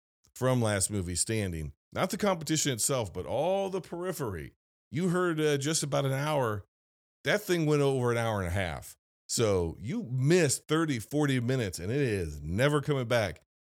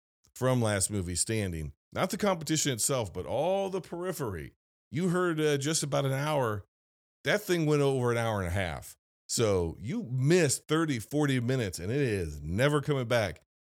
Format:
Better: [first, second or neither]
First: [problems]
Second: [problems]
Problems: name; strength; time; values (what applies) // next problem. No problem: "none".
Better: neither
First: none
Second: none